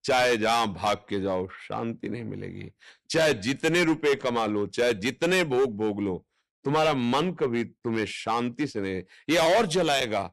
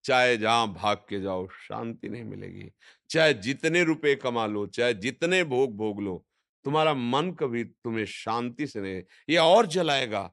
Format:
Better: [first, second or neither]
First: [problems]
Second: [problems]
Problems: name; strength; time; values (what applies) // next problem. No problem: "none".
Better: second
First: distortion; heavy; 8% of the sound clipped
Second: none